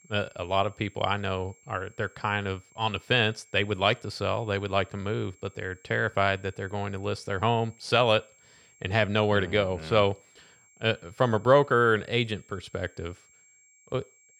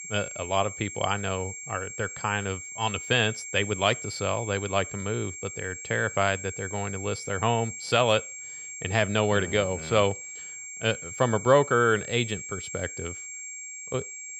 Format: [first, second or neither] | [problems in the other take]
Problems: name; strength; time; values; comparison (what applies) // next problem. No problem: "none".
first | high-pitched whine; loud; throughout; 7.5 kHz, 9 dB below the speech; faint in the first